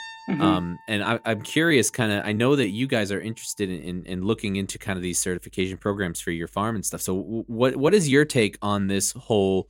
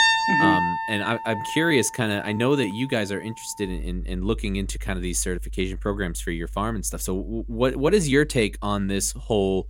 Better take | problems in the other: first | background music; loud; throughout; 5 dB below the speech; faint in the first

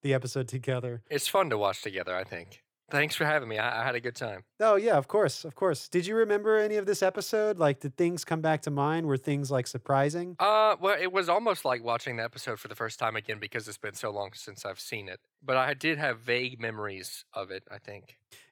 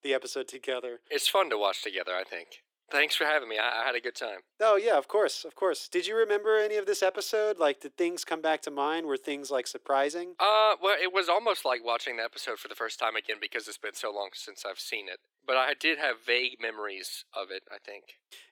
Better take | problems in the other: first | thin; somewhat; fading below 300 Hz

